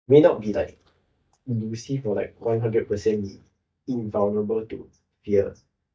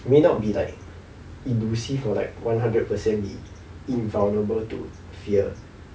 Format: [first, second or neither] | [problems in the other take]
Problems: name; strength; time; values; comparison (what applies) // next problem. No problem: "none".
second | noise reduction (neural mask model DeepFilterNet 3)